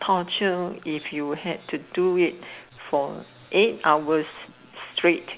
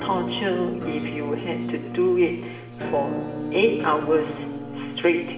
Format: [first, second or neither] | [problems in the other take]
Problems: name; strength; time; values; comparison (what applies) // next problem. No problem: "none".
first | background sound (Musical instrument); 6 dB below the speech // room echo; dies away in 1.1 s